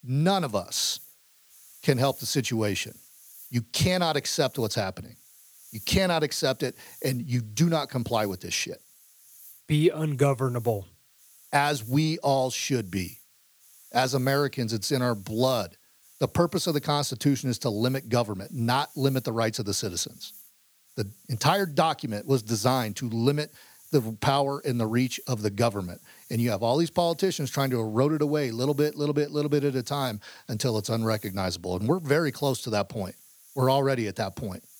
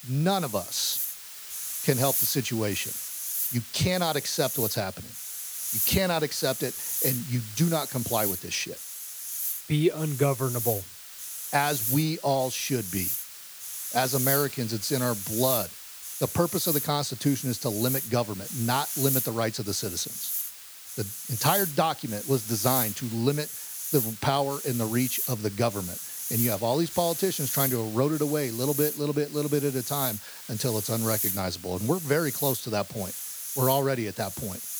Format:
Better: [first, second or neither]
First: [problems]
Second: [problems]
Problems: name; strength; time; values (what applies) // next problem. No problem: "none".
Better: first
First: hiss; faint; throughout; 20 dB below the speech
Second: hiss; loud; throughout; 3 dB below the speech